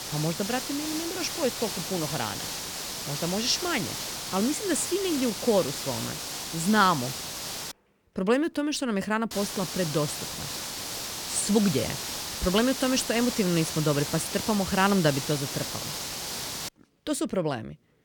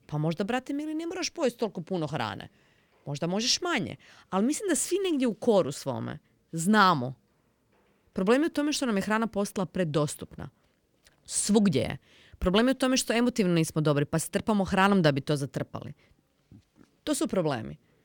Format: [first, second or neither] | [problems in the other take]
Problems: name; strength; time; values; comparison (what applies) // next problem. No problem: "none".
second | hiss; loud; until 7.5 s and from 9.5 to 17 s; 5 dB below the speech